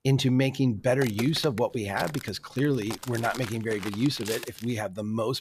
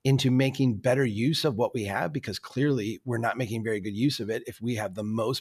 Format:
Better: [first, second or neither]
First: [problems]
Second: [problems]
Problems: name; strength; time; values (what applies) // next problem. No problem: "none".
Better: second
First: footsteps; noticeable; from 1 to 5 s; peak 8 dB below the speech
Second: none